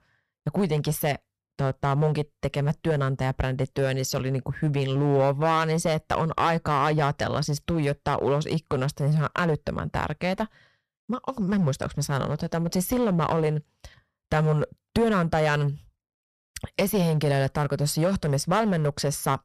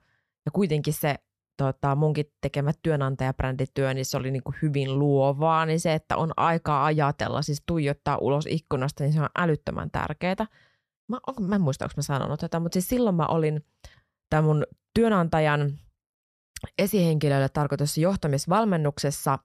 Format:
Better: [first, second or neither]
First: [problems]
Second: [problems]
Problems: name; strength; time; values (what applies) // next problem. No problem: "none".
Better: second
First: distortion; slight; 7% of the sound clipped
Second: none